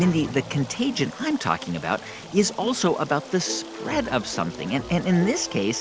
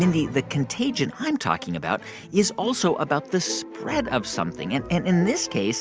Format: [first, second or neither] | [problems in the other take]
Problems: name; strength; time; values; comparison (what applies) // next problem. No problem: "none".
second | background sound (Stream); 19 dB below the speech